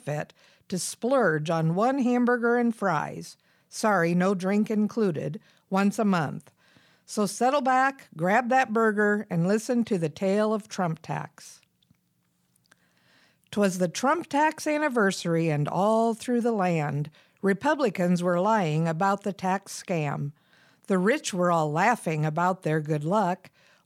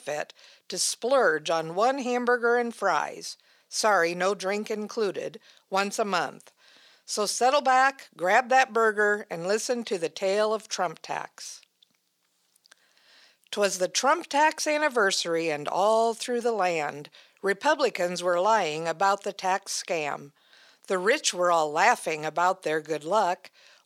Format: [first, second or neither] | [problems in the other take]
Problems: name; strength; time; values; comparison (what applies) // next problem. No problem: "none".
first | thin; somewhat; fading below 450 Hz